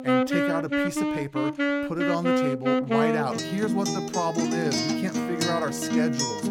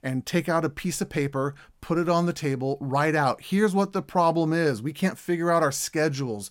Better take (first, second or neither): second